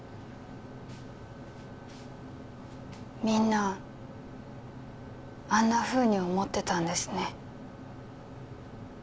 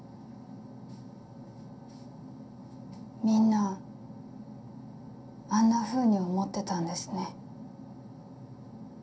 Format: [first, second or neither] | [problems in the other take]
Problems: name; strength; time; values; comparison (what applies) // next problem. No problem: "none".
first | room echo; dies away in 0.3 s